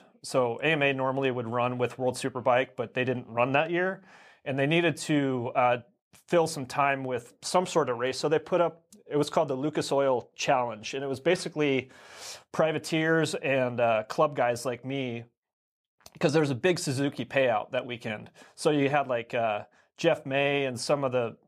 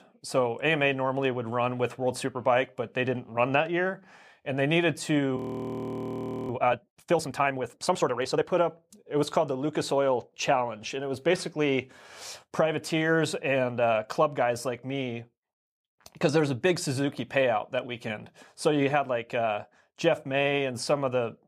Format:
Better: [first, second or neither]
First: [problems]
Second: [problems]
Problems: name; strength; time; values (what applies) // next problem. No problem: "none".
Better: first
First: none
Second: audio freezing; at 5.5 s for 1 s